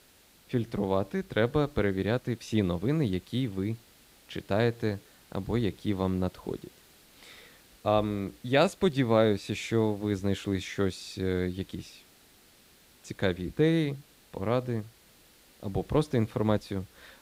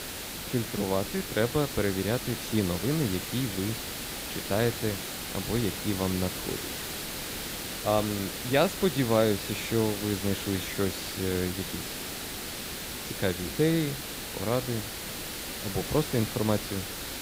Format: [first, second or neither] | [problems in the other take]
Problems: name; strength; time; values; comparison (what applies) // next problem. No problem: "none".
first | hiss; loud; throughout; 4 dB below the speech; faint in the first